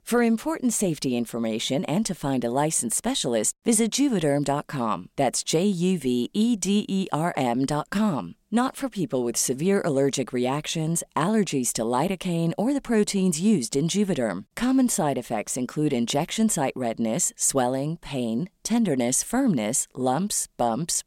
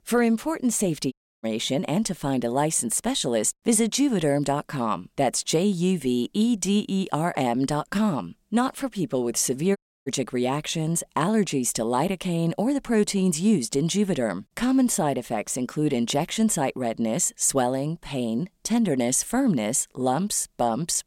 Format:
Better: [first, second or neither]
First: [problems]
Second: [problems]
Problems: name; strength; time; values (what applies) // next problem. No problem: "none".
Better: first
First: none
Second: audio cutting out; at 1 s and at 10 s